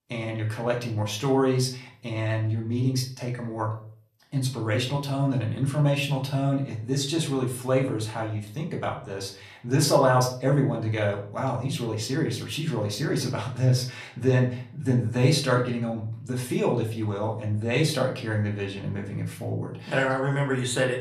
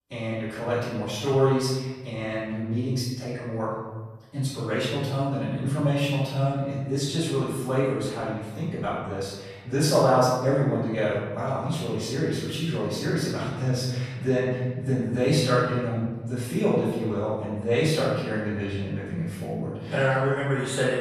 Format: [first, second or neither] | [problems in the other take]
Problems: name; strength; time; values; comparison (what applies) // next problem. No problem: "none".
first | room echo; strong; dies away in 1.2 s; slight in the first // off-mic speech; far; far in the first